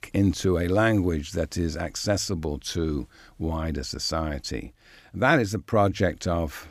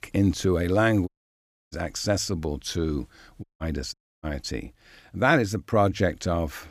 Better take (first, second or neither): first